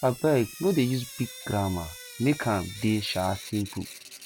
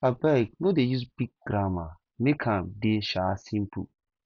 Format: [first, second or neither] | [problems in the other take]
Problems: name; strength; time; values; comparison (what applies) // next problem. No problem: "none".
second | background sound (Drip / Sink (filling or washing)); 15 dB below the speech